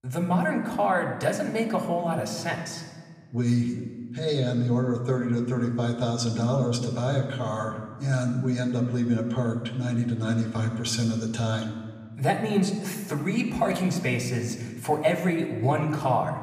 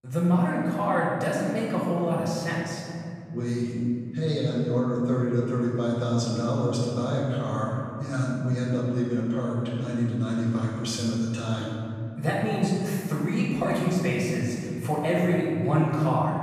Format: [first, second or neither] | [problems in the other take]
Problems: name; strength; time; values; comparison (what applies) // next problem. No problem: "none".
first | room echo; strong; dies away in 2.8 s; slight in the first // off-mic speech; far; somewhat distant in the first